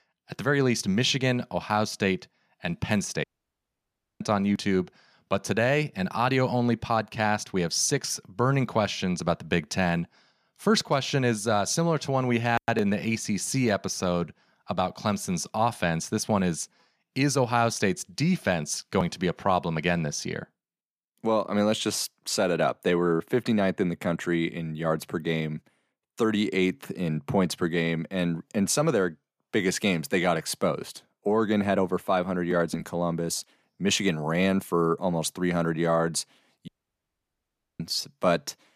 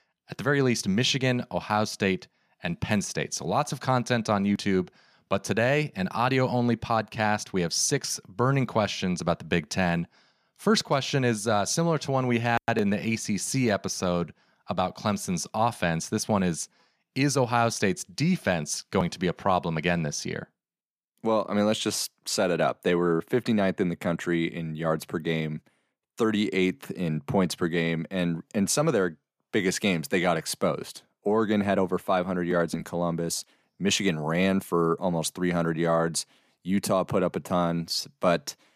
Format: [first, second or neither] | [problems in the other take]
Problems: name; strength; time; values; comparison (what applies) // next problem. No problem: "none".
second | audio cutting out; at 3 s for 1 s and at 37 s for 1 s